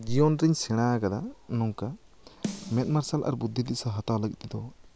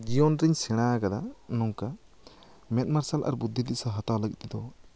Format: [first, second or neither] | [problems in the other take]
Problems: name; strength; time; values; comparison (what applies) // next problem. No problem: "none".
second | background sound (Snare drum); 14 dB below the speech